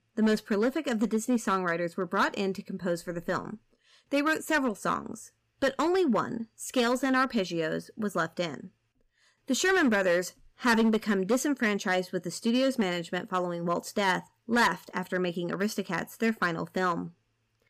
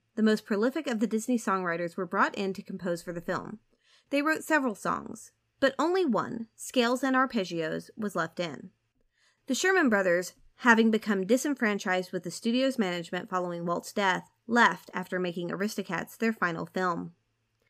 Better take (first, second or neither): second